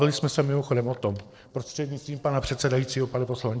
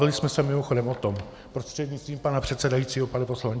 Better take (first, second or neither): second